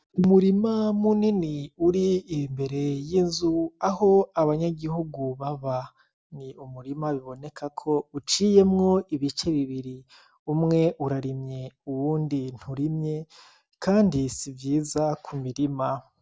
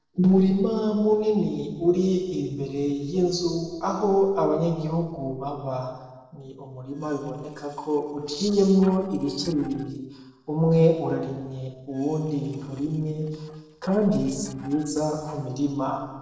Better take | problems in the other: first | noise reduction (neural separator model SepFormer DNS4)

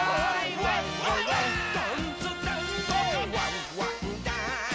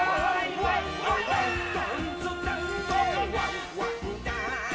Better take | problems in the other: first | room echo; dies away in 1.6 s

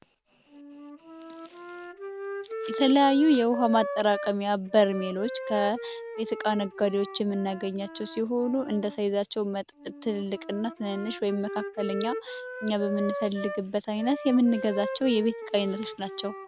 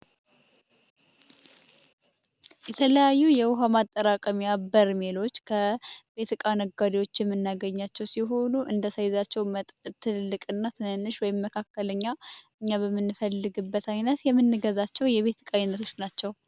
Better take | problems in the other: second | background sound (Wind instrument, woodwind instrument); 10 dB below the speech

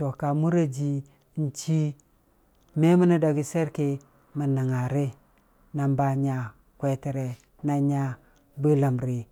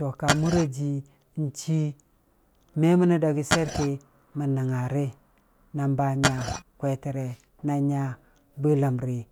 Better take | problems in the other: first | background sound (Glass); as loud as the speech

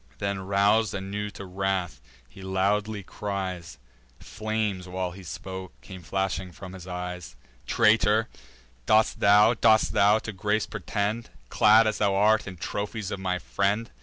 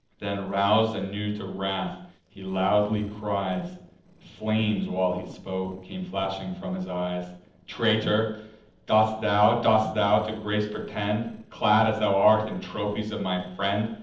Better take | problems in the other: first | noise reduction (neural separator model SepFormer DNS4)

